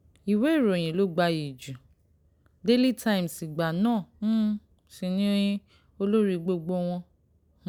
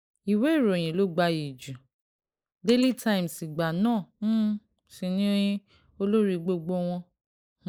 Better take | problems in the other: first | noise reduction (neural mask model Resemble Enhance denoiser)

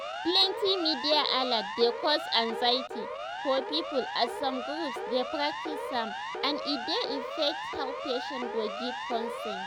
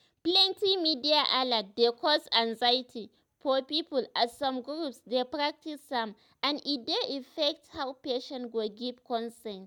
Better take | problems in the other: second | background sound (Siren); 5 dB below the speech

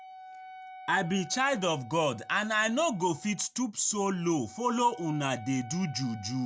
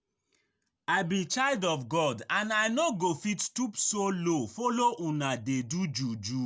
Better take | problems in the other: second | background sound (Wind instrument, woodwind instrument); 18 dB below the speech

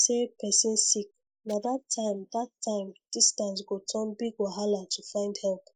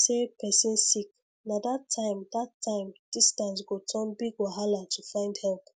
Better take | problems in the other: second | noise reduction (neural mask model Resemble Enhance denoiser)

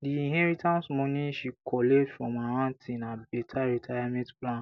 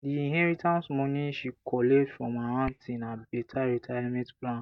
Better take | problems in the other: first | noise reduction (neural mask model DeepFilterNet 3)

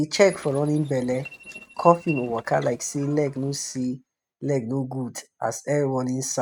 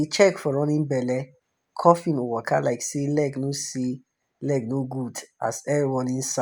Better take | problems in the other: second | noise reduction (neural mask model RNNoise)

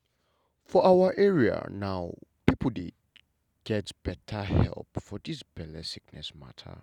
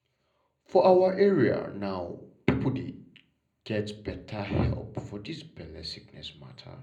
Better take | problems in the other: first | room echo; dies away in 0.5 s

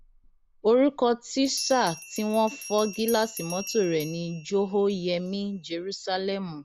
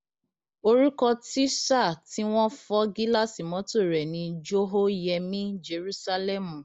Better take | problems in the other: second | background sound (Bell); 17 dB below the speech

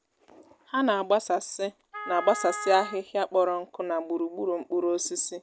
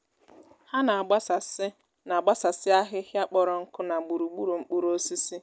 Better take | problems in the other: second | background sound (Wind instrument, woodwind instrument); 10 dB below the speech

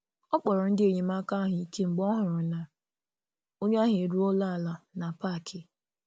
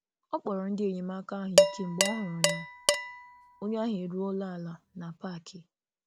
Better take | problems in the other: first | background sound (Dishes, pots, and pans); 5 dB above the speech

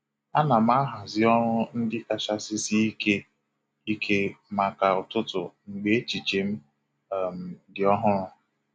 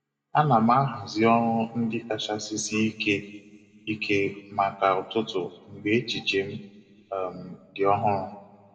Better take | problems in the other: first | room echo; dies away in 0.9 s

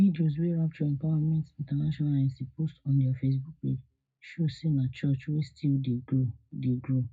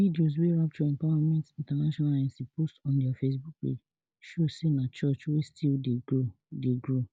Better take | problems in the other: second | room echo; dies away in 0.3 s

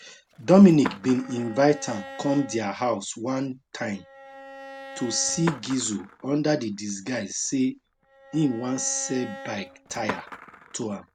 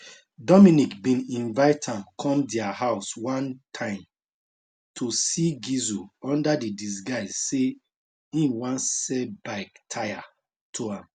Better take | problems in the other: second | background sound (Skateboard + Bowed string instrument); 16 dB below the speech

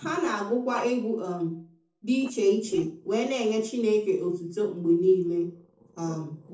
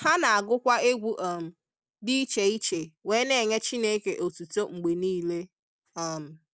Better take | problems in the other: second | noise reduction (neural separator model SepFormer DNS4)

